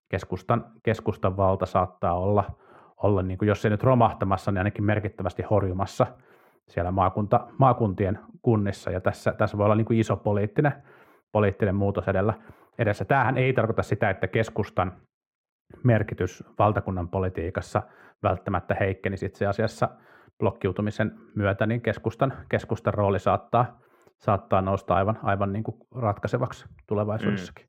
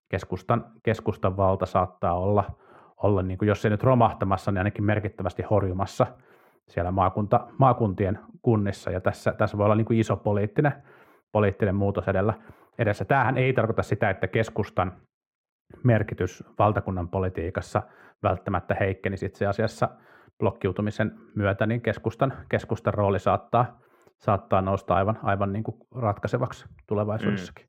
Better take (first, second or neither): neither